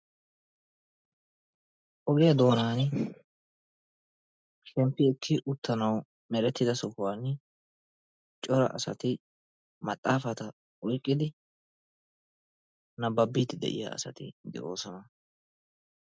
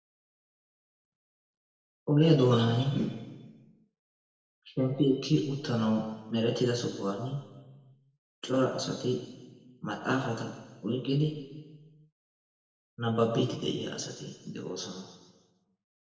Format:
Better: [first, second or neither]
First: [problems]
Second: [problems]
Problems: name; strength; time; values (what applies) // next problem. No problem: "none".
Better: first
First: none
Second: room echo; dies away in 1.3 s